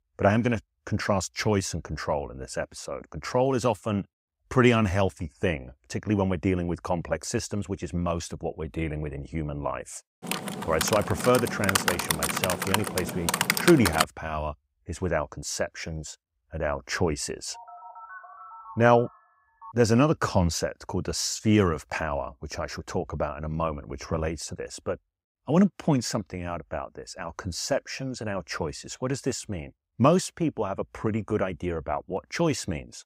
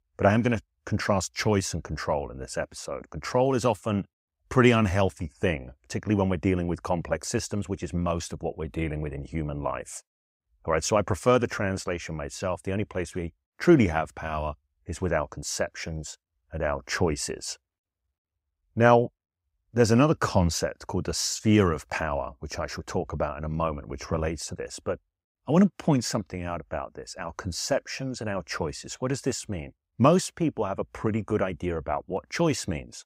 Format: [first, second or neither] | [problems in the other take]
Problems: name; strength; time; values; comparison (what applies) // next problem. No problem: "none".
second | keyboard typing; loud; from 10 to 14 s; peak 3 dB above the speech // phone ringing; faint; from 18 to 20 s; peak 15 dB below the speech